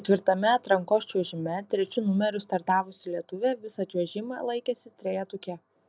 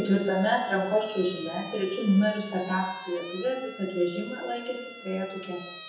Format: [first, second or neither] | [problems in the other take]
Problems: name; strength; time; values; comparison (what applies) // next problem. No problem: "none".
first | background sound (Siren); 15 dB below the speech // room echo; dies away in 0.9 s